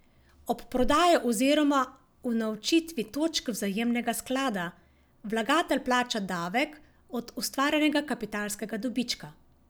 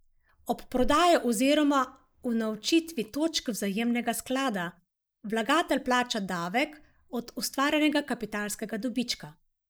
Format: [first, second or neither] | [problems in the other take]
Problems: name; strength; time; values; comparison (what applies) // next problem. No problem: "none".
first | noise reduction (neural mask model Resemble Enhance denoiser)